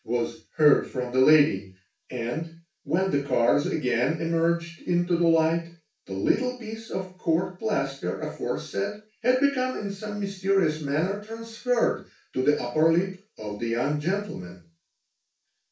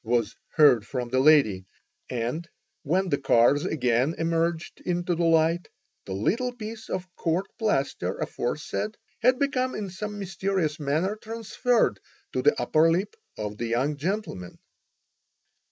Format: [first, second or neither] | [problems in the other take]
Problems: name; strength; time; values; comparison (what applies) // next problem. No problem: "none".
second | room echo; dies away in 0.3 s